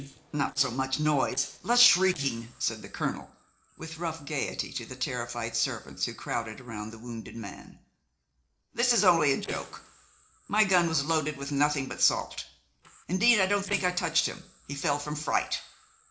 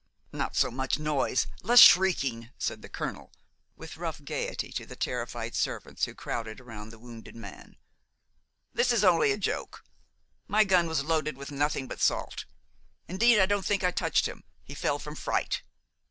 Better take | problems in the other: second | noise reduction (neural separator model SepFormer DNS4)

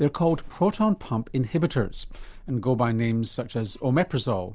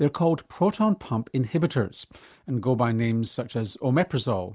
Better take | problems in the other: second | background sound (Alarm); 17 dB below the speech

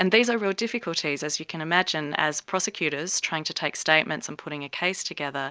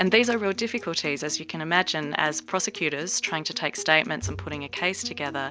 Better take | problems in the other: first | background sound (Acoustic guitar + Bowed string instrument); 16 dB below the speech

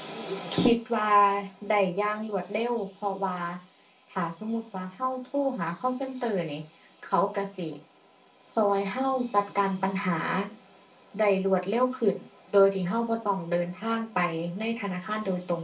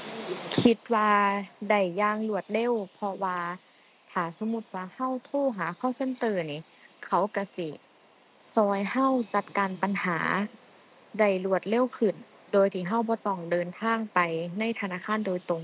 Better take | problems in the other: second | room echo; dies away in 0.2 s

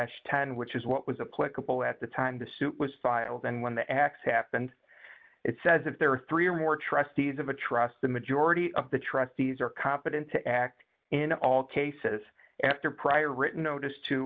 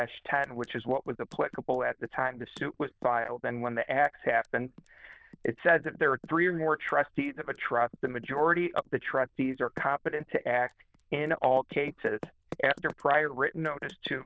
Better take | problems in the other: first | noise reduction (neural diffusion model UNIVERSE++)

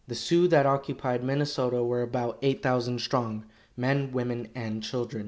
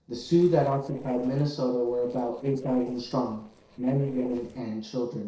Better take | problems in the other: first | noise reduction (neural separator model SepFormer DNS4)

